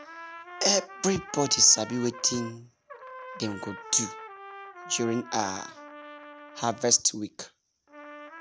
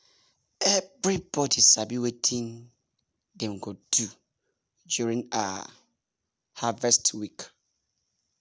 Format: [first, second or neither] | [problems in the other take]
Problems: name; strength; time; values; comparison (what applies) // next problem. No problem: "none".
second | background sound (Trumpet); 14 dB below the speech